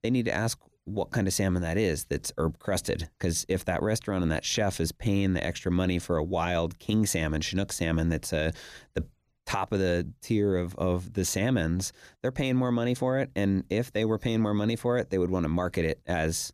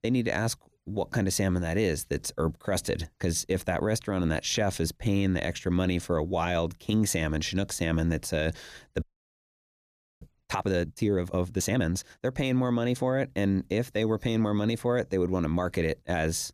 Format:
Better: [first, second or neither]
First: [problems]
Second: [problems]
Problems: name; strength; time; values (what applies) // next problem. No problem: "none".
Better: first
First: none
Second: audio freezing; at 9 s for 1 s